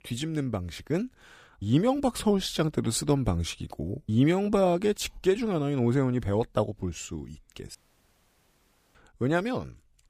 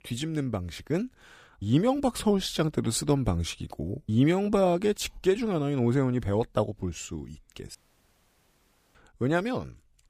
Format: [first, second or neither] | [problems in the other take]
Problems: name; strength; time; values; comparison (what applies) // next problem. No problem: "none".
neither | audio cutting out; at 8 s for 1 s; the same in both